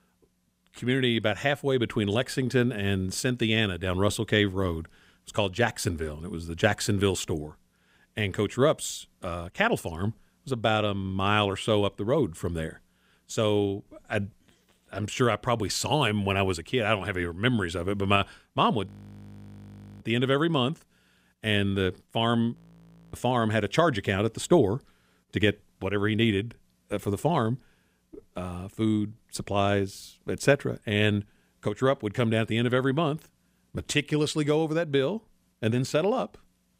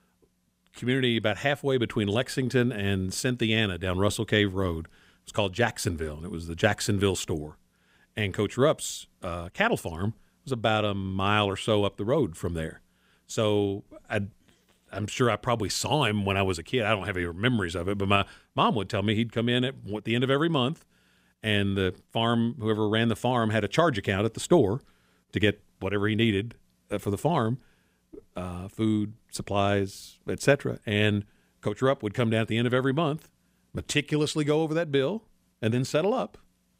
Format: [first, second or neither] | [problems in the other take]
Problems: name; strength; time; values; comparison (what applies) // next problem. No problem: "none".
second | audio freezing; at 19 s for 1 s and at 23 s for 0.5 s